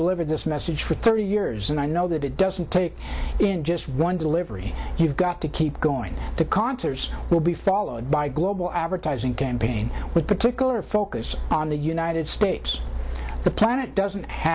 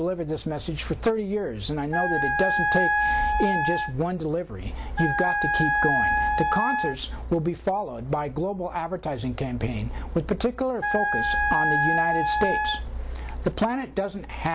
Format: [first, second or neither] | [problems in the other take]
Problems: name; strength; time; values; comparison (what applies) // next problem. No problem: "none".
first | background sound (Wind instrument, woodwind instrument); 3 dB above the speech